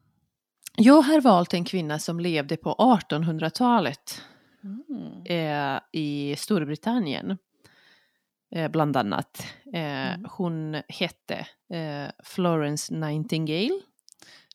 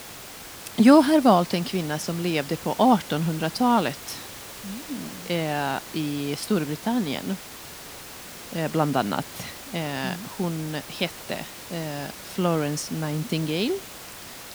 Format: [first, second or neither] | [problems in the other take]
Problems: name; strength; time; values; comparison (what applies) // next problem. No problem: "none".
first | hiss; noticeable; throughout; 15 dB below the speech